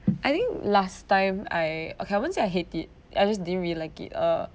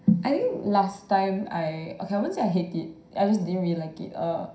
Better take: first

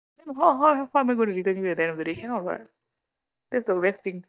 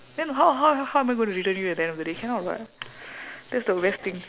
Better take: second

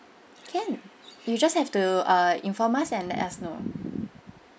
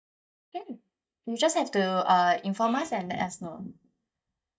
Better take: first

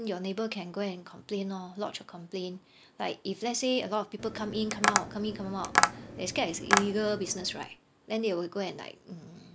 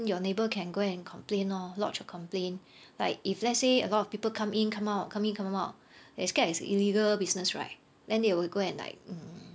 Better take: second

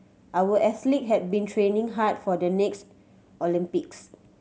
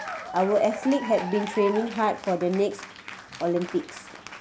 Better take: first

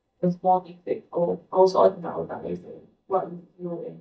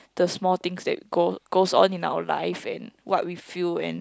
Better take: second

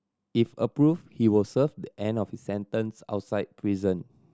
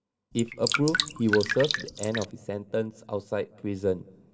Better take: first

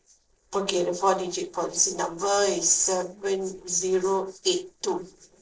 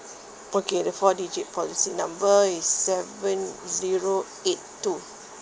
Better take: second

